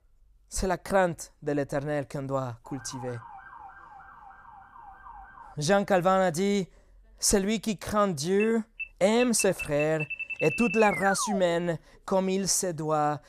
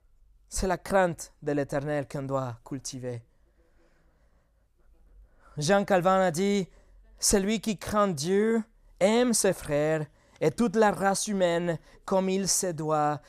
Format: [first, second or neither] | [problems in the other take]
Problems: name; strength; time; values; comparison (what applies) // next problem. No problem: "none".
second | siren; faint; from 2.5 to 5.5 s; peak 15 dB below the speech // alarm; noticeable; from 8.5 to 12 s; peak 3 dB below the speech